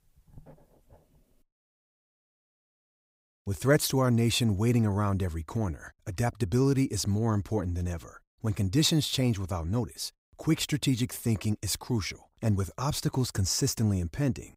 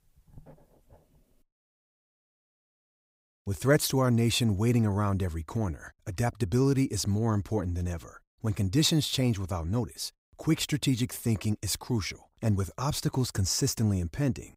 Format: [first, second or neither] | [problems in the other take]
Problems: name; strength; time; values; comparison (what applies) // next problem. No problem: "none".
neither | none